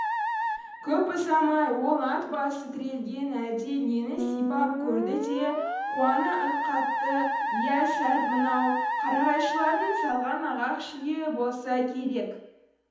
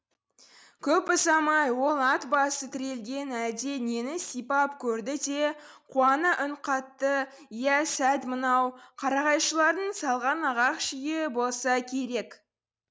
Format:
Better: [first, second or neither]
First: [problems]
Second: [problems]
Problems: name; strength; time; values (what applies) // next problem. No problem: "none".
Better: second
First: background sound (Musical instrument); 3 dB below the speech // room echo; dies away in 1.3 s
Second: none